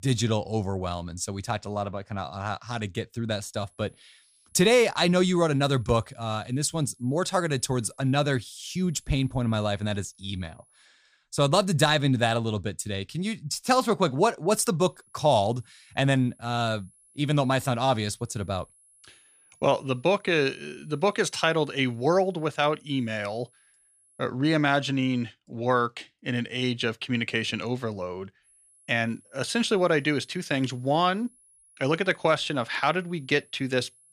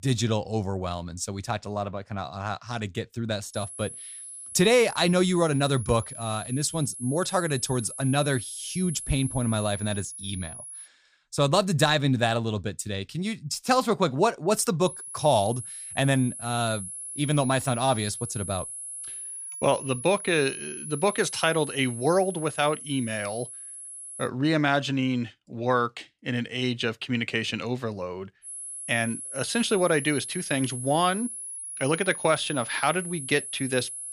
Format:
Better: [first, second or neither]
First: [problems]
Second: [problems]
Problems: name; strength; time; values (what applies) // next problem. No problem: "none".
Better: first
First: high-pitched whine; faint; from 3.5 to 11 s, from 15 to 24 s and from 28 s on; 10.5 kHz, 30 dB below the speech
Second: high-pitched whine; loud; from 3.5 to 11 s, from 15 to 24 s and from 28 s on; 10.5 kHz, 9 dB below the speech